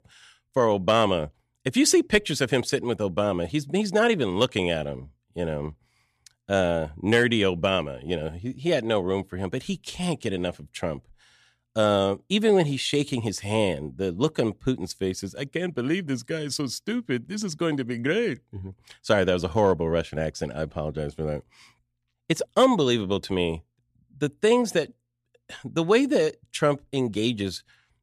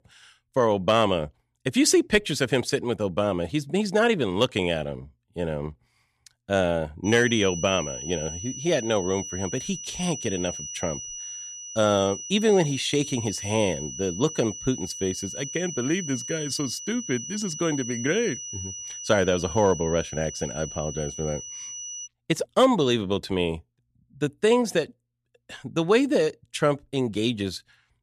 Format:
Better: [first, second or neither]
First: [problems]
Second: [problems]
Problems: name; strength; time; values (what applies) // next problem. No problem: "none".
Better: first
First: none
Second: high-pitched whine; loud; from 7 to 22 s; 6 kHz, 9 dB below the speech